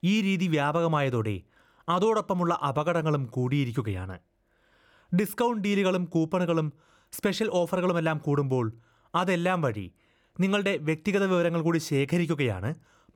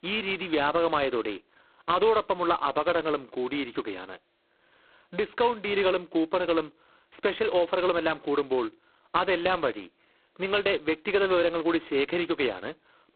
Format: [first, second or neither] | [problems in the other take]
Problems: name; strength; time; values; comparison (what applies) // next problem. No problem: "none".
first | phone-call audio; poor line; nothing above 4 kHz